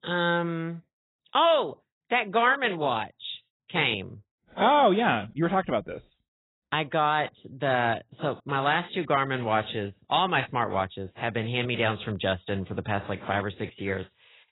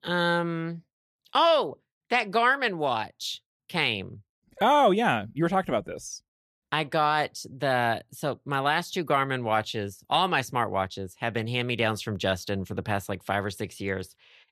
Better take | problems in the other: second | garbled, watery; badly; nothing above 4 kHz

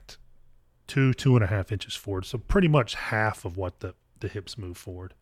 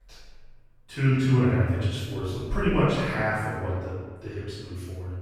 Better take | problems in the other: first | off-mic speech; far // room echo; strong; dies away in 1.3 s

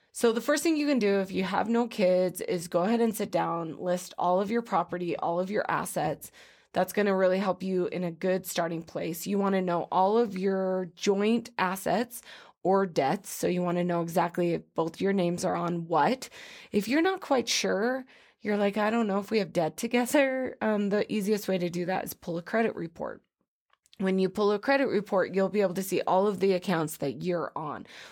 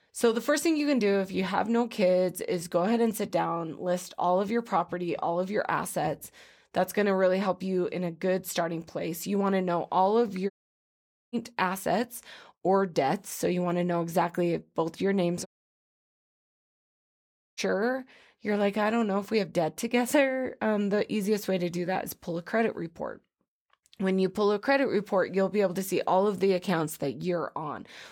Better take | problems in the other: first | audio cutting out; at 11 s for 1 s and at 15 s for 2 s

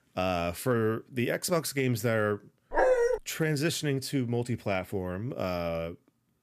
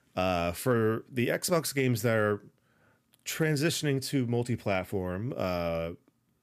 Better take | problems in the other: second | dog barking; loud; at 2.5 s; peak 6 dB above the speech

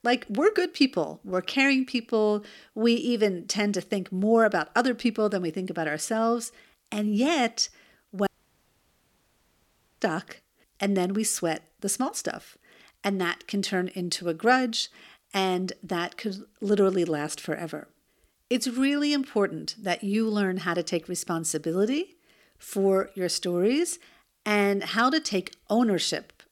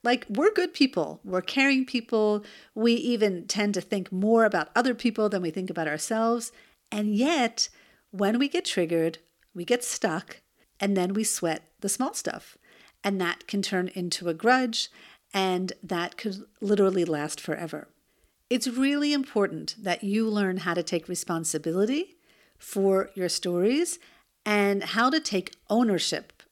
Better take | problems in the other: second | audio cutting out; at 8.5 s for 1.5 s

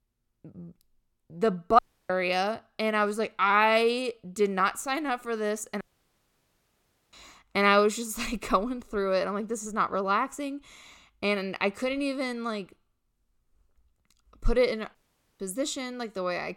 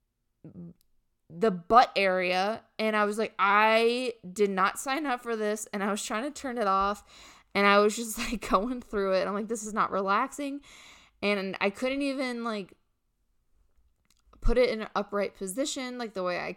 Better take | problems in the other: second | audio cutting out; at 2 s, at 6 s for 1.5 s and at 15 s

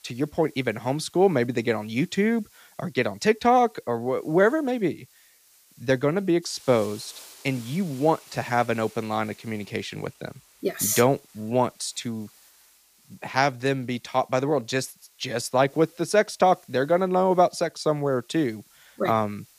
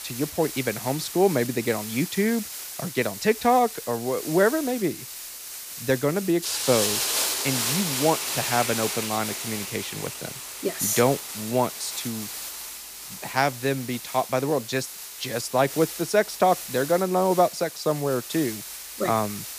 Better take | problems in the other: first | hiss; loud; throughout; 5 dB below the speech; faint in the first

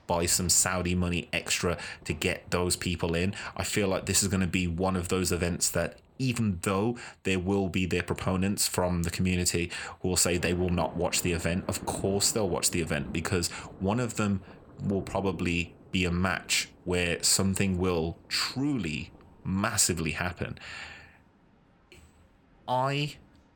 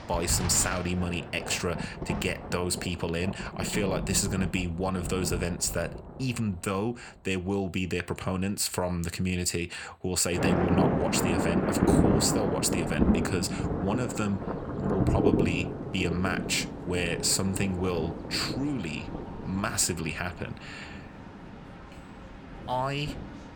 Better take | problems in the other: first | rain or running water; loud; throughout; 1 dB below the speech; faint in the first

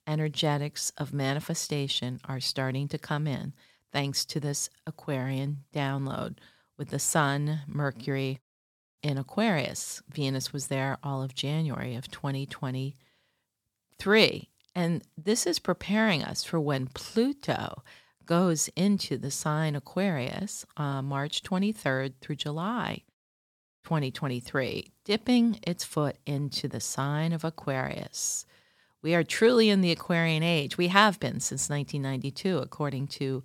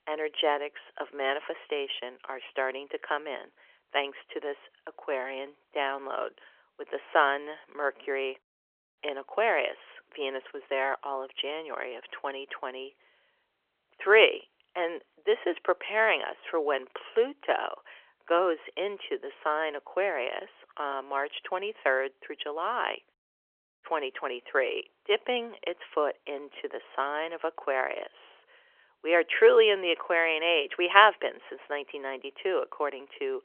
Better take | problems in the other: first | phone-call audio; nothing above 3.5 kHz

